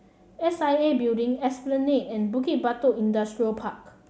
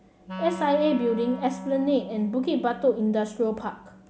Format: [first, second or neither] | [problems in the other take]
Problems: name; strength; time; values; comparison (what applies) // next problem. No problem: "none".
first | background sound (Wind instrument, woodwind instrument); 13 dB below the speech